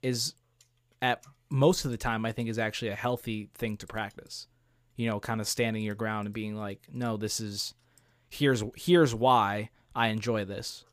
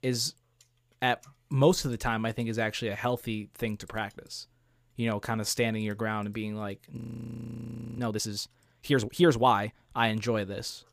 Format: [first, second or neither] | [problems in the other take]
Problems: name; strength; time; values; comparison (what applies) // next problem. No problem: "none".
first | audio freezing; at 7 s for 1 s